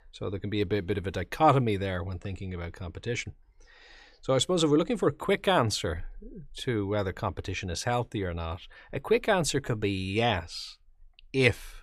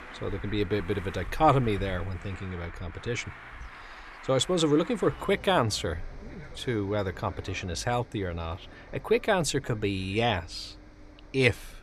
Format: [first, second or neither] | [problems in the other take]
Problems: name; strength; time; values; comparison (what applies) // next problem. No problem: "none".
first | traffic noise; noticeable; throughout; 15 dB below the speech